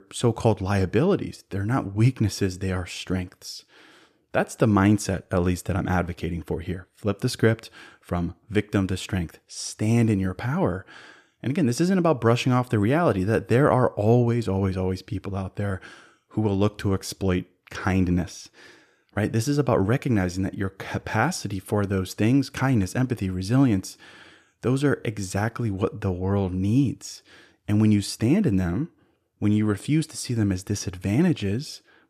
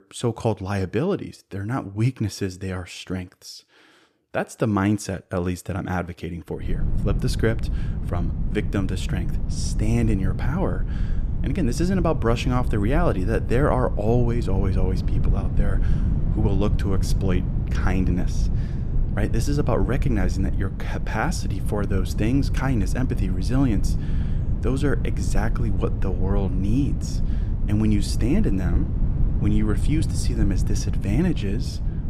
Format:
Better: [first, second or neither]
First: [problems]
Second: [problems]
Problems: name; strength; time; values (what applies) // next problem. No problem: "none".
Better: first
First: none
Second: low rumble; loud; from 6.5 s on; 10 dB below the speech